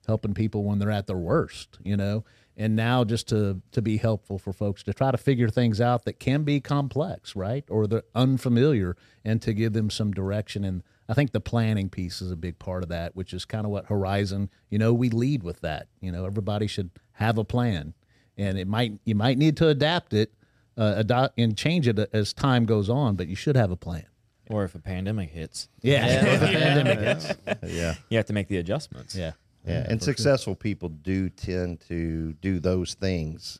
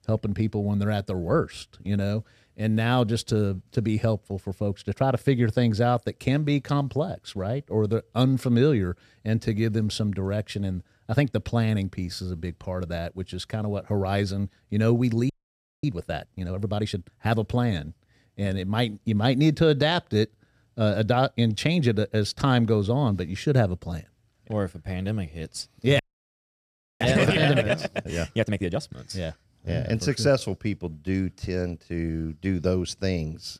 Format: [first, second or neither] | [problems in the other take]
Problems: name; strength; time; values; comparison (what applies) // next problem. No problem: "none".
first | audio freezing; at 15 s for 0.5 s and at 26 s for 1 s